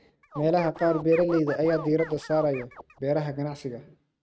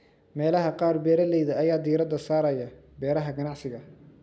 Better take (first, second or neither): second